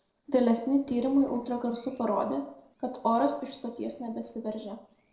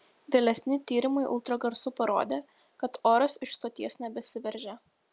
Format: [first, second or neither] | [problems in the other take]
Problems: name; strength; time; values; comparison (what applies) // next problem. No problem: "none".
second | noise reduction (neural separator model SepFormer DNS4)